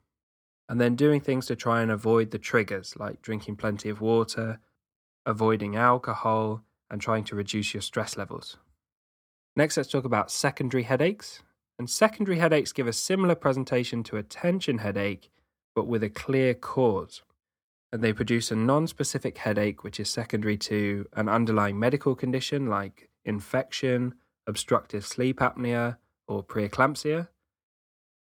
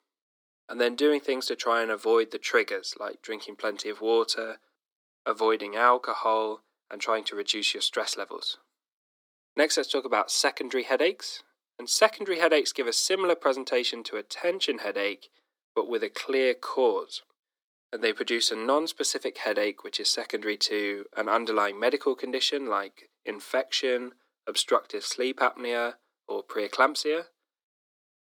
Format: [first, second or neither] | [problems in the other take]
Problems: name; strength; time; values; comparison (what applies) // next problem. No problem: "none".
first | thin; somewhat; fading below 300 Hz